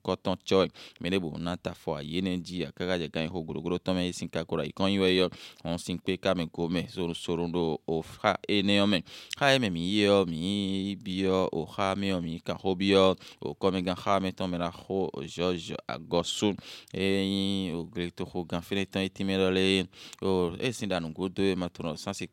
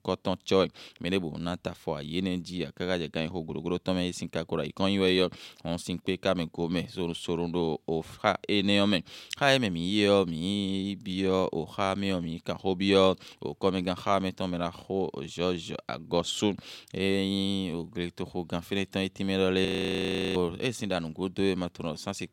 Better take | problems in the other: first | audio freezing; at 20 s for 0.5 s

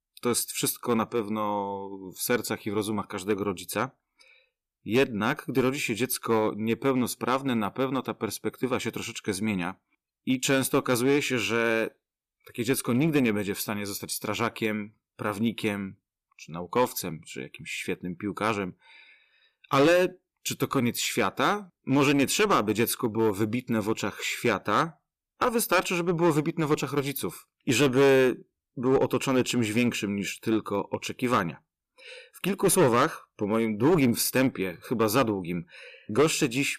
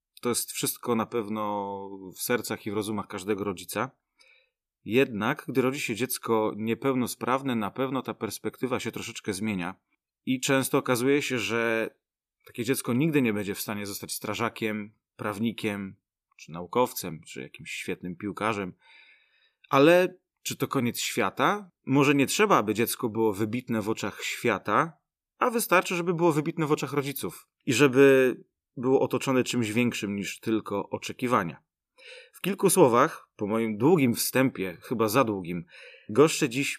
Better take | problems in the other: second | distortion; slight; 4% of the sound clipped

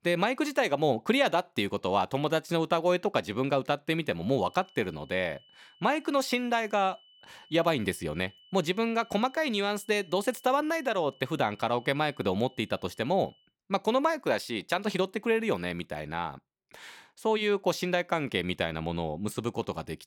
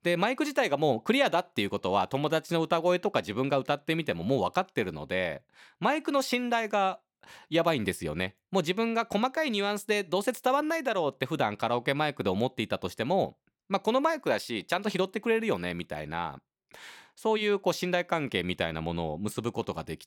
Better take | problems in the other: second | high-pitched whine; faint; from 4.5 to 13 s; 3 kHz, 30 dB below the speech

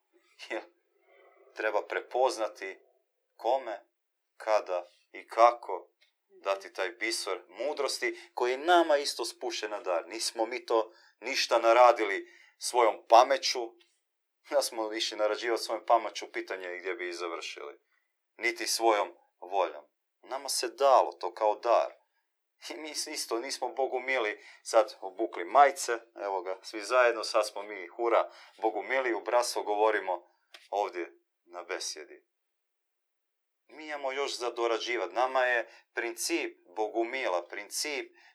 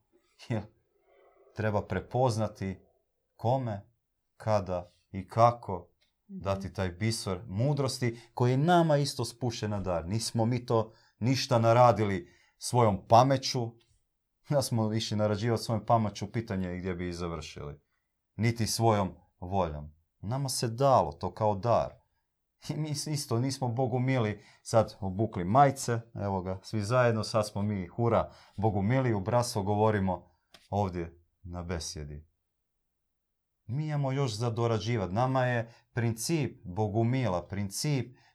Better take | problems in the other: second | thin; very; fading below 350 Hz

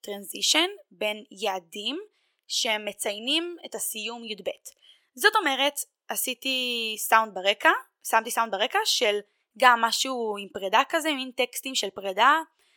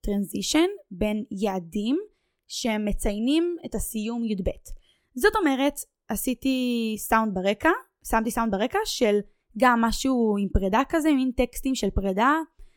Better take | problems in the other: second | thin; very; fading below 650 Hz

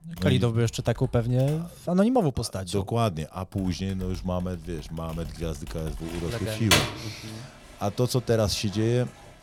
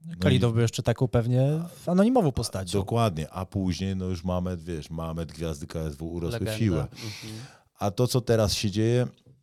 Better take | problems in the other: second | household noises; loud; throughout; 3 dB below the speech

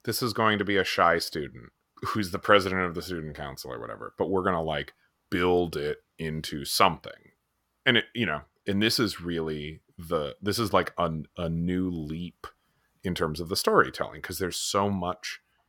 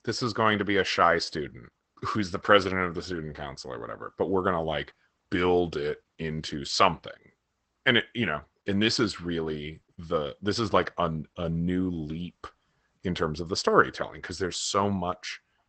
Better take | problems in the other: first | garbled, watery; badly; nothing above 8 kHz

